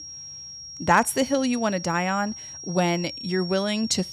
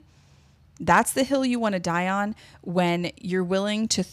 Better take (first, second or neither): second